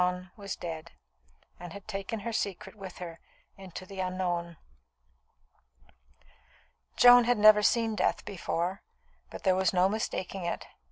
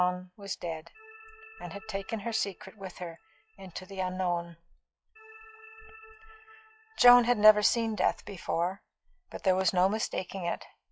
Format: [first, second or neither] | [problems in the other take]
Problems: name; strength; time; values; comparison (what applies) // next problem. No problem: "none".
first | noise reduction (classical method log-MMSE)